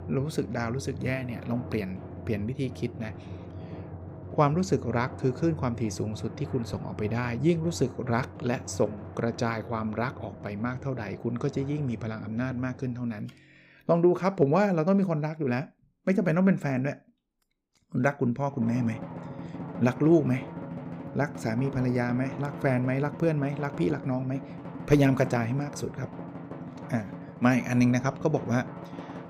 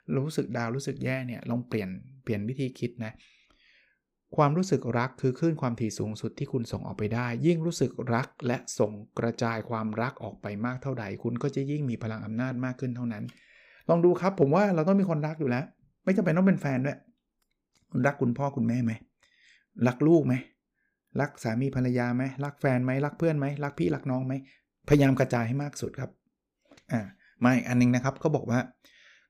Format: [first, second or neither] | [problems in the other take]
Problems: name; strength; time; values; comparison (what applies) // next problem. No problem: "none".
second | background music; noticeable; throughout; 15 dB below the speech